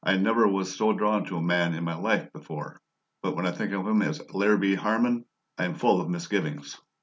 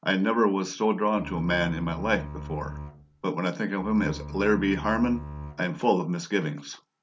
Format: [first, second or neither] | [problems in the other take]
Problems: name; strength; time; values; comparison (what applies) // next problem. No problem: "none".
first | background sound (Bowed string instrument); 12 dB below the speech